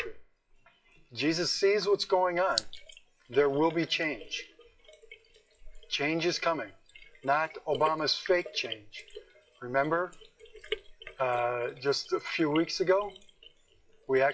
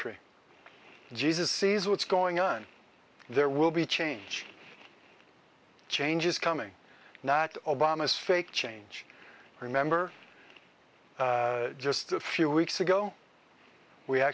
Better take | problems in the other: second | noise reduction (classical method WPE with log-MMSE)

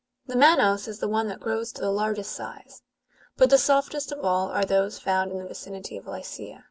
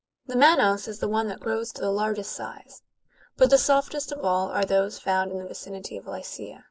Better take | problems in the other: first | noise reduction (neural mask model Resemble Enhance denoiser)

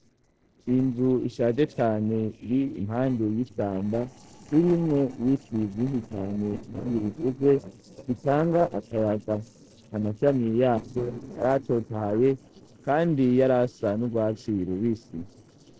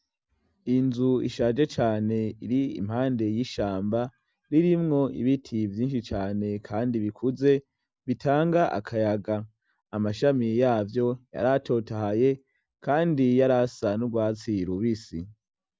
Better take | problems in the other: second | noise reduction (neural separator model SepFormer DNS4)

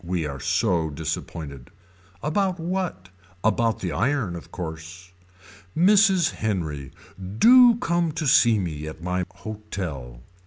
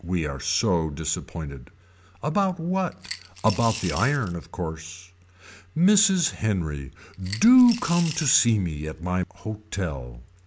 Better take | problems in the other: first | background sound (Coin (dropping) / Glass); 13 dB below the speech

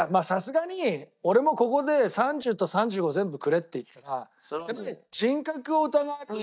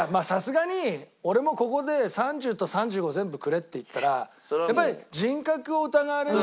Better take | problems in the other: second | noise reduction (neural mask model DeepFilterNet 3)

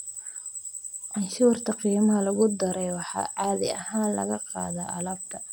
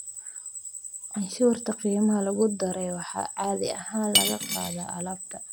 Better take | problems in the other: first | background sound (Cutlery, silverware / Dishes, pots, and pans); 2 dB above the speech

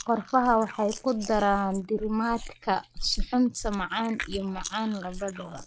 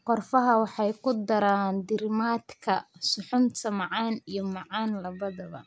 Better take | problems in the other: second | noise reduction (neural mask model Resemble Enhance denoiser)

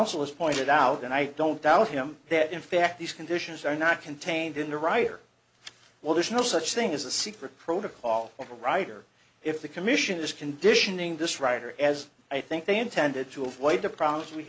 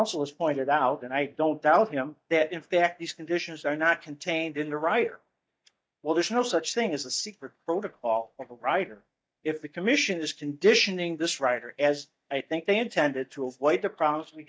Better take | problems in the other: first | noise reduction (neural mask model DeepFilterNet 3)

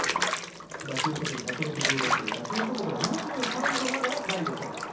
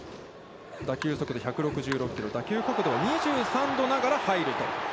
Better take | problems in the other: second | background sound (Bathtub (filling or washing) / Water); 2 dB above the speech // room echo; dies away in 0.6 s

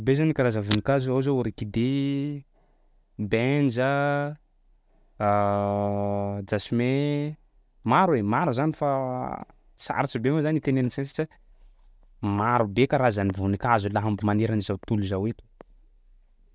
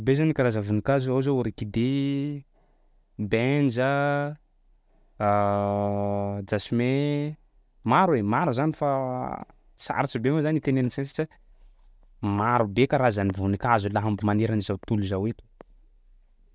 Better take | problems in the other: second | background sound (Shatter); 13 dB below the speech

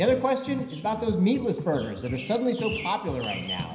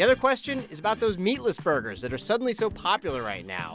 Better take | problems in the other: second | background sound (Bird vocalization, bird call, bird song); 15 dB below the speech // room echo; dies away in 0.9 s

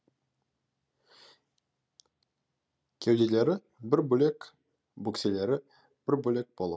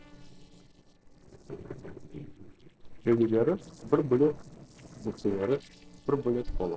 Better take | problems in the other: first | noise reduction (neural separator model SepFormer DNS4)

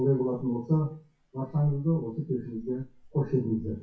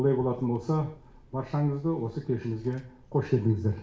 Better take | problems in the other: second | noise reduction (classical method WPE with log-MMSE)

